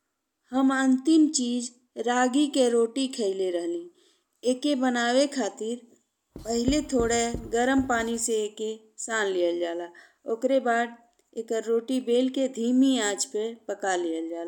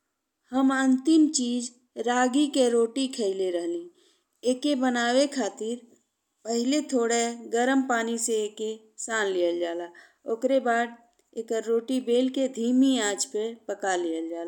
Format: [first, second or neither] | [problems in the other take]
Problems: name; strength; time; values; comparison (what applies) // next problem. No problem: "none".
second | background sound (Writing); 12 dB below the speech